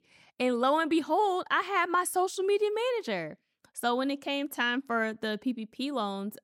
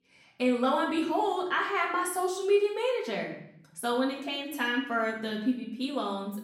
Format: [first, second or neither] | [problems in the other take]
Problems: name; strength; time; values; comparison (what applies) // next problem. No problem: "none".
first | room echo; noticeable; dies away in 0.7 s // off-mic speech; far